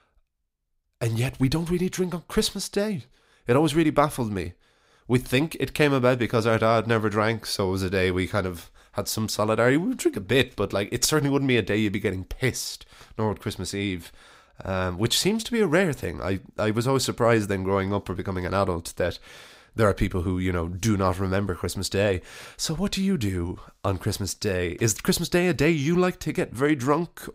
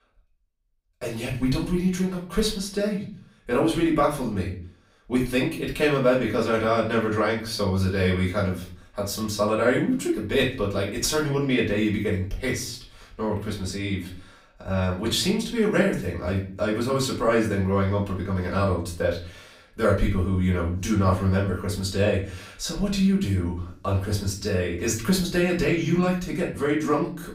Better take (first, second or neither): first